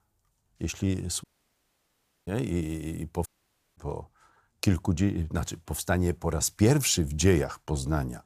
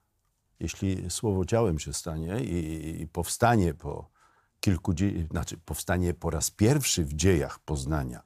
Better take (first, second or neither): second